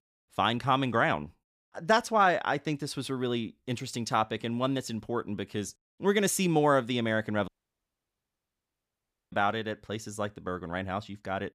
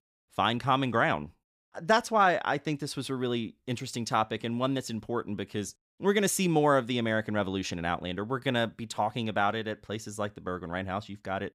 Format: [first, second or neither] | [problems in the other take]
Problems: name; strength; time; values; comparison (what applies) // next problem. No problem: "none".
second | audio cutting out; at 7.5 s for 2 s